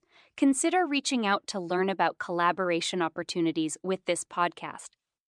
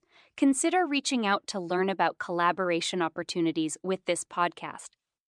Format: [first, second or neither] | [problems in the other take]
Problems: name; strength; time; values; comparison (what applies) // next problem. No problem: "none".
neither | none